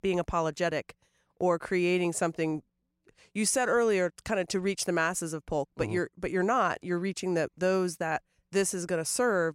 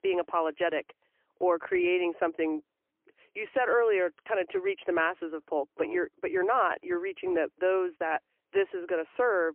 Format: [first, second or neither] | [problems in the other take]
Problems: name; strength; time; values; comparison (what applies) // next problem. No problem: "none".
first | phone-call audio; poor line; nothing above 3 kHz